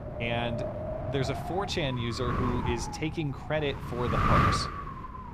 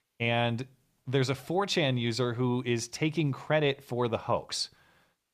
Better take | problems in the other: second | wind noise on the microphone; heavy; 2 dB above the speech

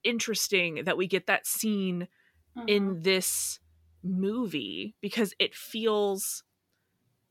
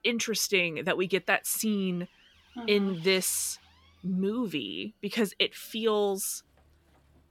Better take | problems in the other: first | traffic noise; faint; throughout; 25 dB below the speech

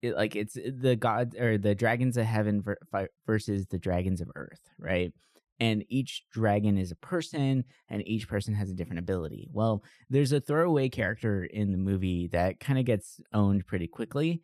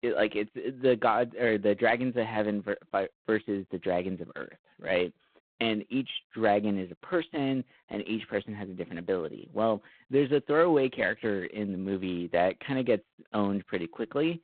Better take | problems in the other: first | phone-call audio; poor line; nothing above 3.5 kHz

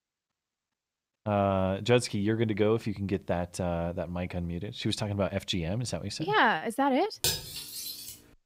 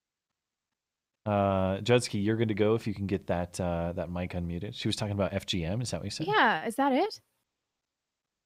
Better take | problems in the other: second | clattering dishes; loud; at 7 s; peak level with the speech

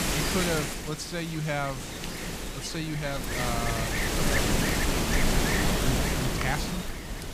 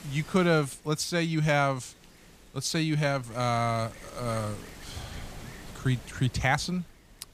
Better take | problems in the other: second | wind noise on the microphone; heavy; 5 dB above the speech; occasional gusts in the second

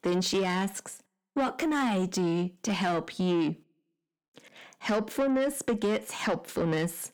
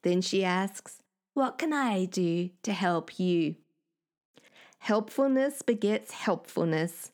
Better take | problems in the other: second | distortion; slight; 10 dB below the speech

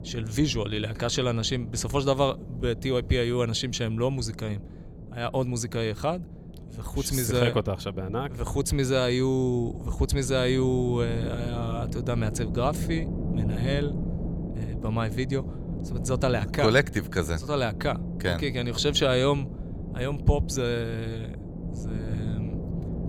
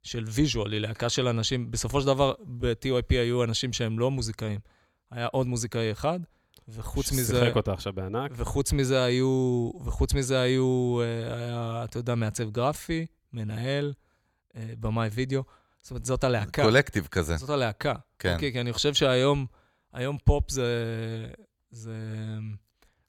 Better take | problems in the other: second | wind noise on the microphone; occasional gusts; 15 dB below the speech

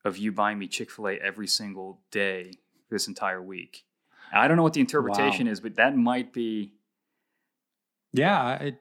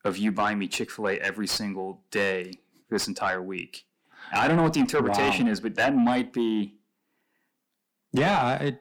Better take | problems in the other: first | distortion; heavy; 7 dB below the speech

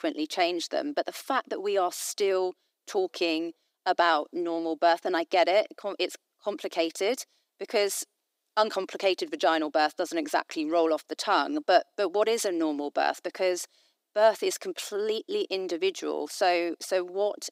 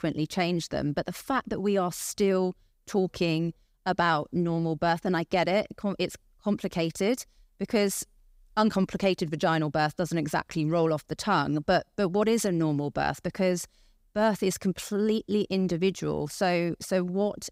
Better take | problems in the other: second | thin; very; fading below 300 Hz

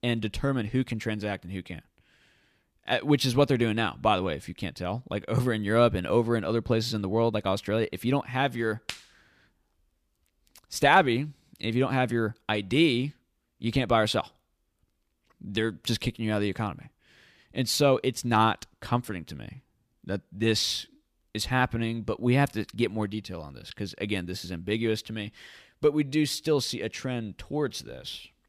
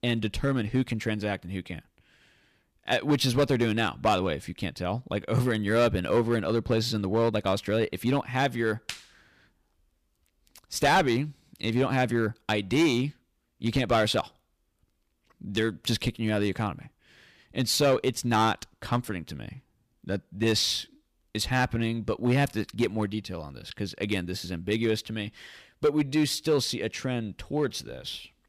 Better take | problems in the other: first | distortion; slight; 3% of the sound clipped

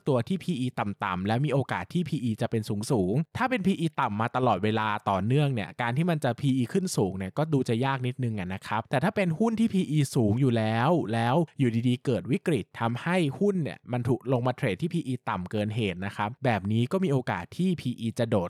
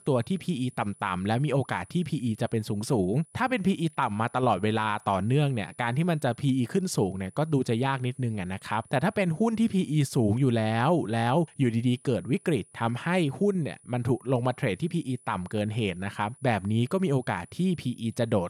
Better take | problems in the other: first | high-pitched whine; faint; throughout; 10 kHz, 25 dB below the speech

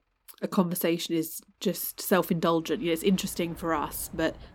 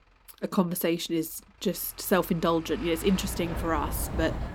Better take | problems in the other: first | traffic noise; loud; throughout; 9 dB below the speech; faint in the first

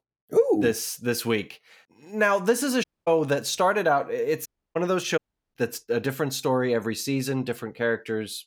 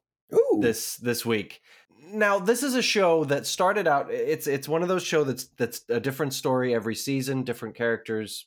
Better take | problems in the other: second | audio cutting out; at 3 s, at 4.5 s and at 5 s

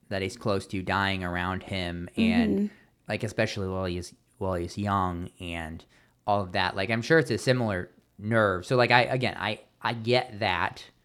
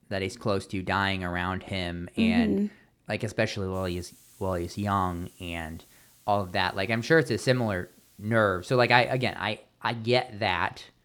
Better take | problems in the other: first | hiss; faint; from 3.5 to 9.5 s; 30 dB below the speech

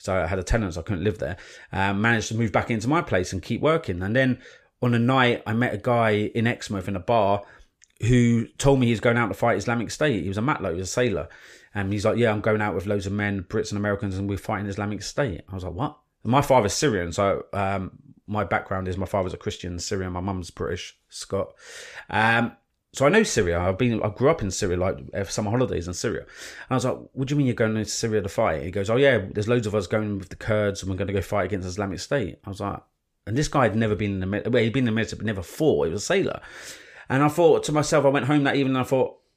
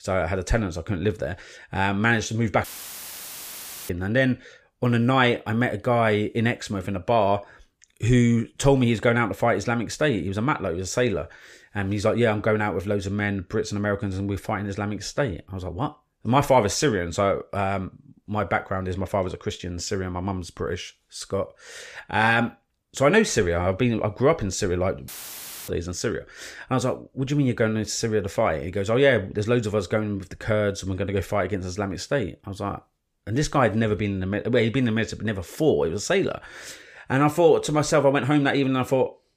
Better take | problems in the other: first | audio cutting out; filled with static; at 2.5 s for 1.5 s and at 25 s for 0.5 s

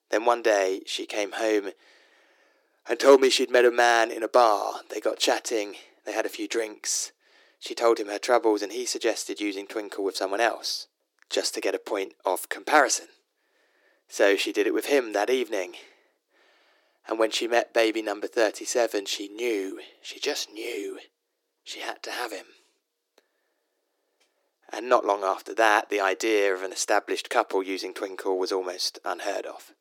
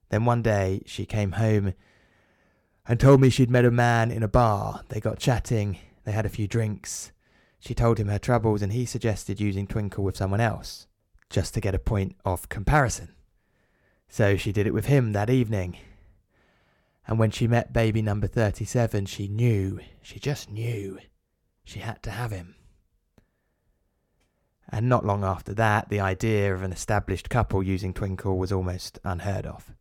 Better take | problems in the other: second | thin; very; fading below 300 Hz

